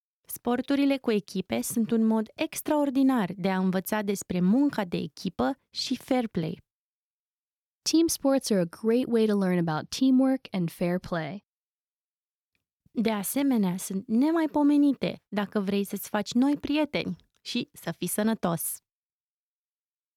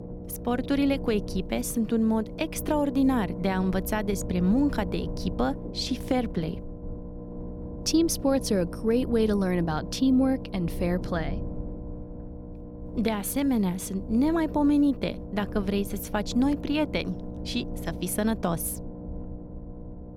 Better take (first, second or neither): first